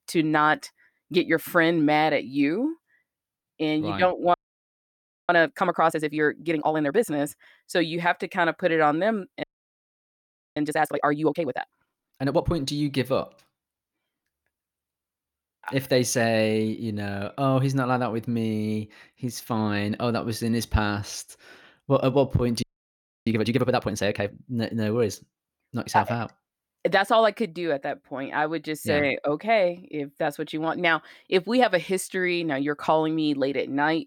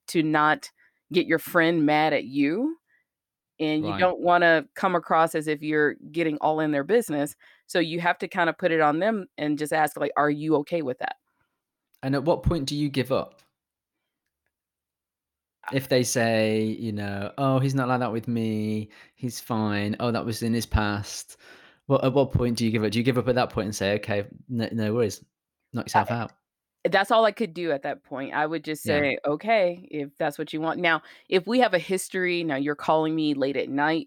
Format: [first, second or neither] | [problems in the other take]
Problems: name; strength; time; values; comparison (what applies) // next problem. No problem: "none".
second | audio freezing; at 4.5 s for 1 s, at 9.5 s for 1 s and at 23 s for 0.5 s